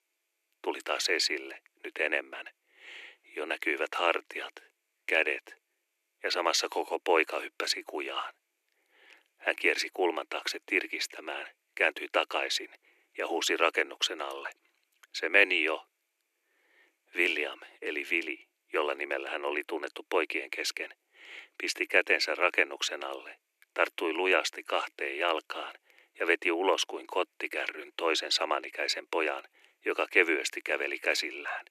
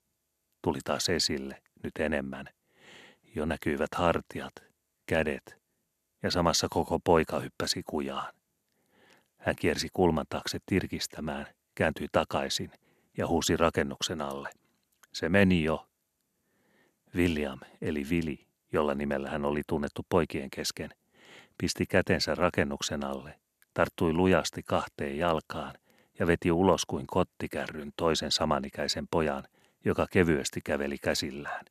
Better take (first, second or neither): second